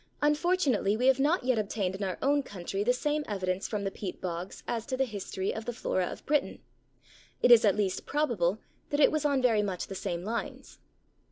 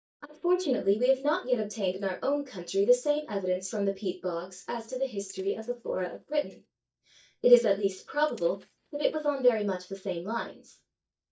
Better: first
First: none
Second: noise reduction (neural mask model DeepFilterNet 3)

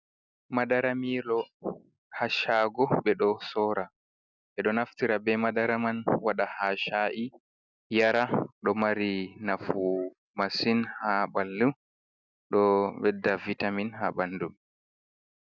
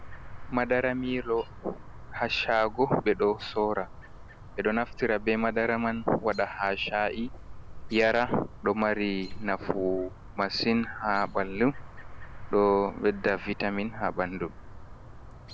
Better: first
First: none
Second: background sound (Chirp, tweet); 13 dB below the speech

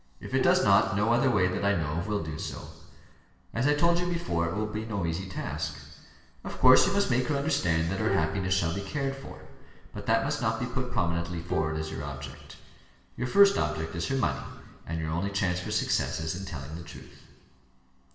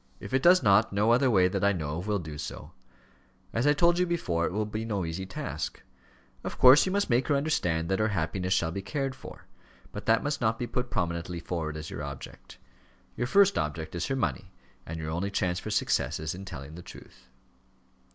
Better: second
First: background sound (Bowed string instrument); 12 dB below the speech // room echo; dies away in 1.4 s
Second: none

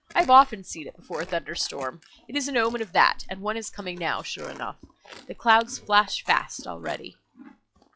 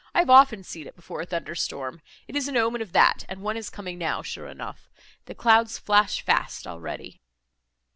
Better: second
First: noise reduction (classical method log-MMSE)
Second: none

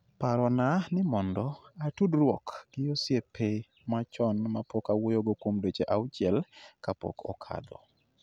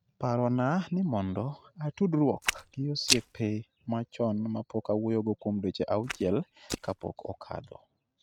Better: first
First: none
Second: noise reduction (neural mask model RNNoise)

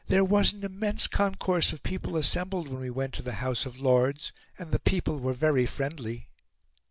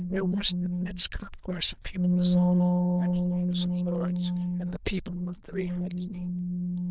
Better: first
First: none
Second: noise reduction (neural diffusion model UNIVERSE++)

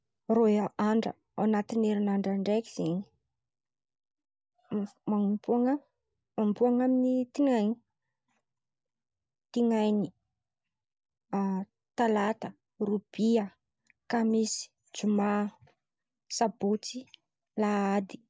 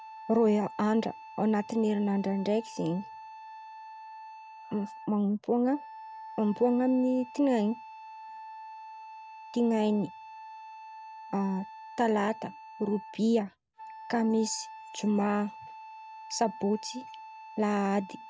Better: first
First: none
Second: background sound (Wind instrument, woodwind instrument); 15 dB below the speech

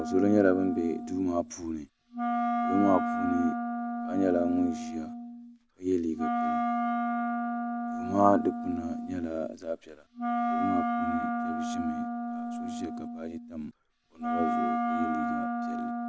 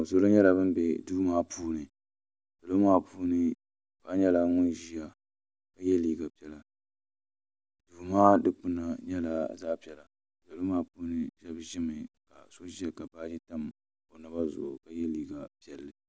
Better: second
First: background sound (Wind instrument, woodwind instrument); 1 dB below the speech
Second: none

